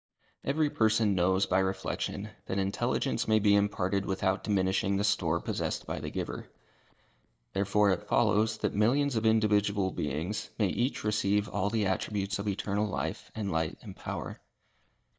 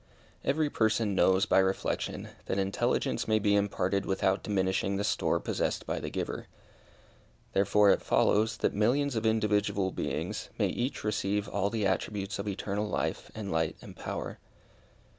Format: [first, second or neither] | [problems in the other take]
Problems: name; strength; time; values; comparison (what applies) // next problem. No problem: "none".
second | noise reduction (neural mask model DeepFilterNet 3)